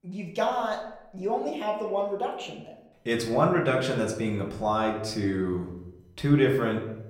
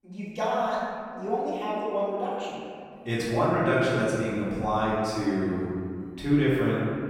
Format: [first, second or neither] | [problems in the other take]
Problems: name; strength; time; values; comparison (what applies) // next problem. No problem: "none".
first | room echo; strong; dies away in 2 s; slight in the first // off-mic speech; far; somewhat distant in the first